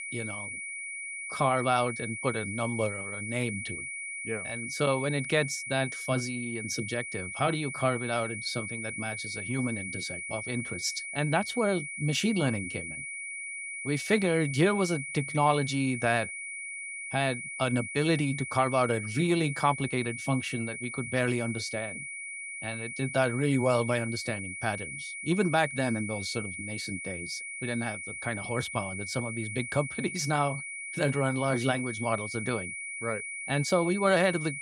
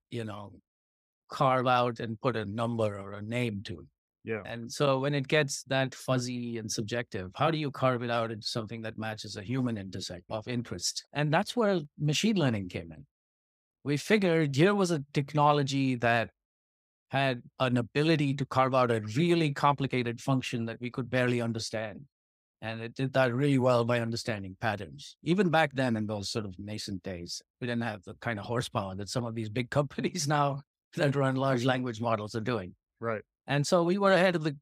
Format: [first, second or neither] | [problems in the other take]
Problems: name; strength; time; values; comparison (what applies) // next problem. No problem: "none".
second | high-pitched whine; loud; throughout; 2 kHz, 6 dB below the speech